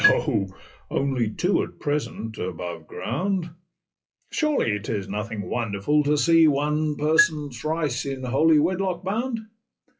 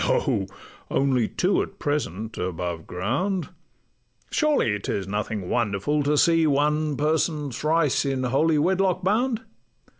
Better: second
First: noise reduction (classical method WPE with log-MMSE)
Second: none

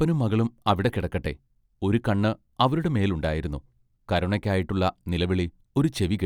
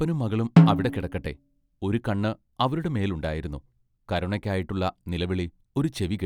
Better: first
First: none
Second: background sound (Snare drum); 5 dB above the speech

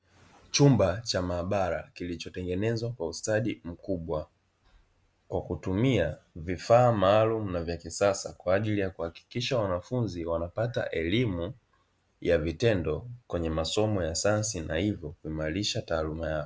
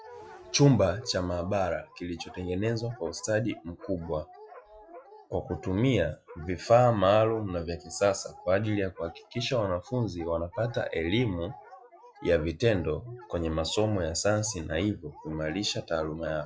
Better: first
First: none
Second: noise reduction (classical method log-MMSE)

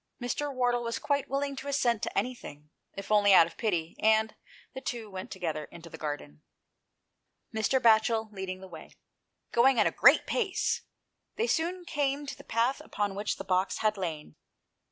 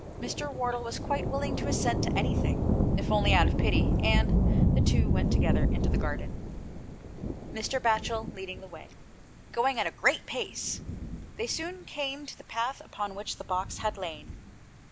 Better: first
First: none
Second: background sound (Thunder / Rain); 4 dB above the speech

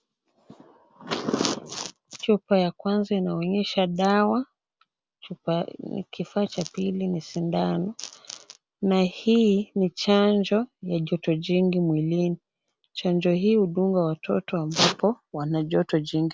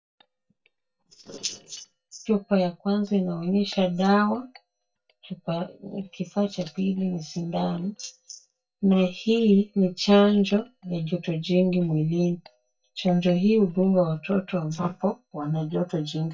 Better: first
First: none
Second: noise reduction (neural mask model DeepFilterNet 3)

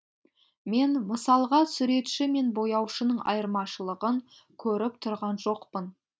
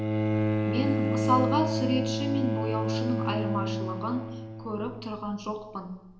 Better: first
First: none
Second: background sound (Bowed string instrument); 2 dB above the speech // room echo; dies away in 0.8 s

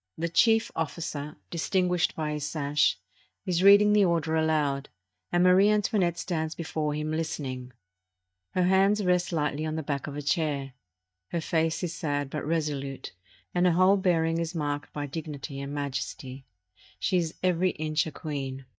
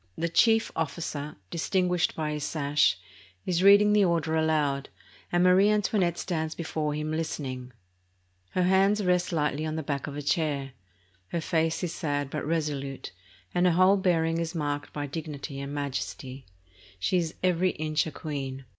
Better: second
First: noise reduction (neural mask model DeepFilterNet 3)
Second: none

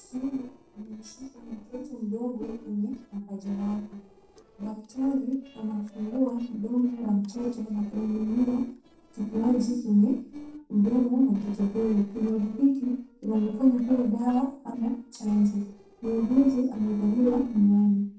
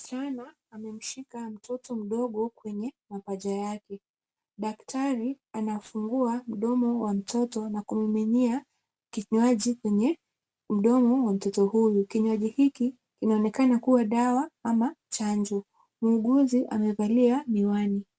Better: second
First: noise reduction (neural separator model SepFormer DNS4)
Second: none

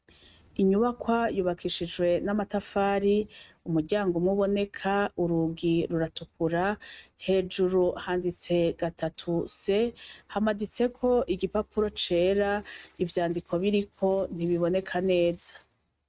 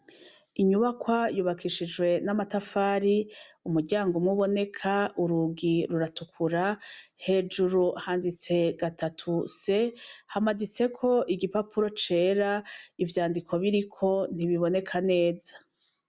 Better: second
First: noise reduction (neural mask model RNNoise)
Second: none

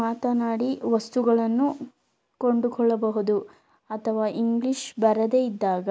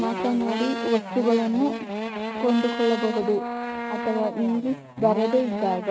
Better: first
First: none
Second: noise reduction (neural mask model RNNoise)

